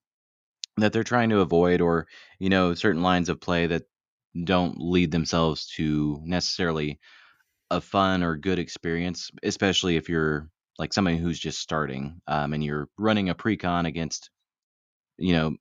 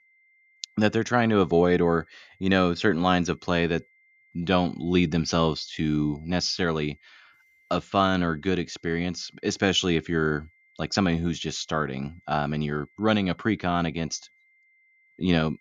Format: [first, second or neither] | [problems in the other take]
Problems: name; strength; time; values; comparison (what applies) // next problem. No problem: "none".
first | high-pitched whine; faint; throughout; 2 kHz, 35 dB below the speech